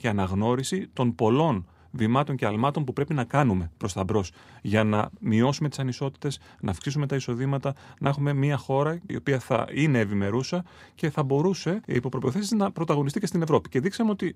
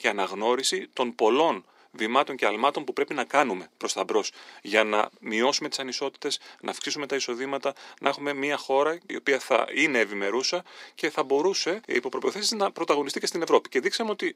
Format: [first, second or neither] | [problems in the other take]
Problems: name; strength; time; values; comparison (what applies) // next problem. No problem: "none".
first | thin; somewhat; fading below 300 Hz